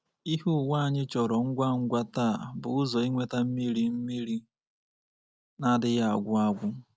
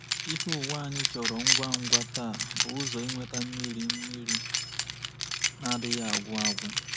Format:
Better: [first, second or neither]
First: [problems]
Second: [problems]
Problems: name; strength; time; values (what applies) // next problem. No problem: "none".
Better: first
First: none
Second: background sound (Keys jangling); 5 dB above the speech